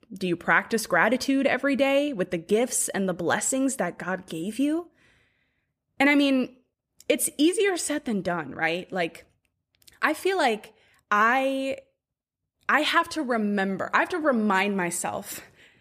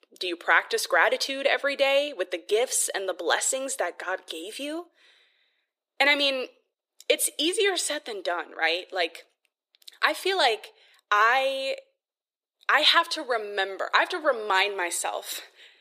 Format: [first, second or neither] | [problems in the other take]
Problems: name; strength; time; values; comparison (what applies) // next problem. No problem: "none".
first | thin; very; fading below 350 Hz